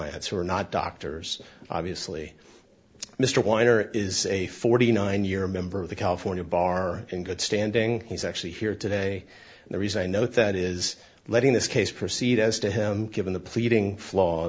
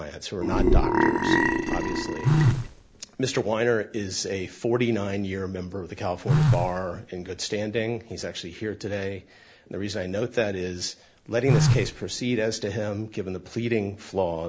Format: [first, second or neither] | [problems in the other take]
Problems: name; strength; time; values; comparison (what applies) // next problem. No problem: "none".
first | background sound (Telephone + Burping, eructation); 5 dB above the speech